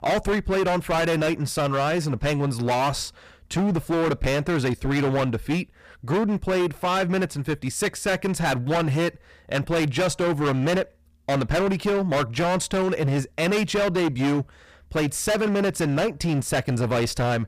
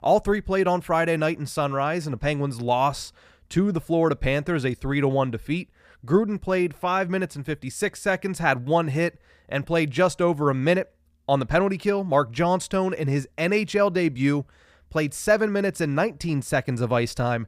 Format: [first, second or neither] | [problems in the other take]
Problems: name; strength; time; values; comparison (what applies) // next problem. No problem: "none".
second | distortion; heavy; 24% of the sound clipped